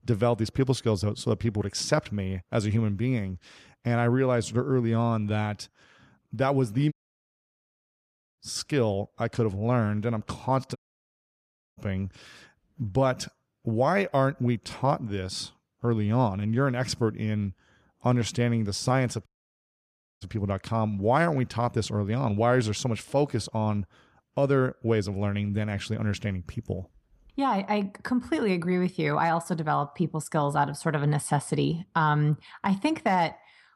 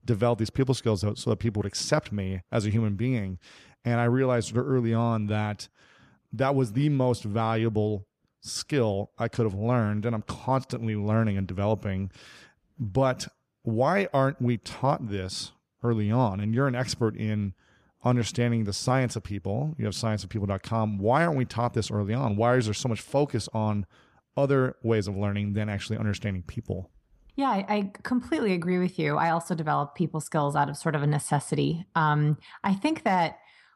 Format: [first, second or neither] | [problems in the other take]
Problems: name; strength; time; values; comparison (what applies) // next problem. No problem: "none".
second | audio cutting out; at 7 s for 1.5 s, at 11 s for 1 s and at 19 s for 1 s